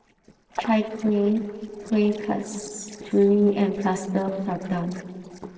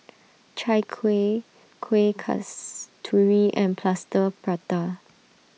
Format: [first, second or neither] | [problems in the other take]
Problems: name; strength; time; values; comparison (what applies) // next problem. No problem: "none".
second | noise reduction (neural separator model SepFormer DNS4)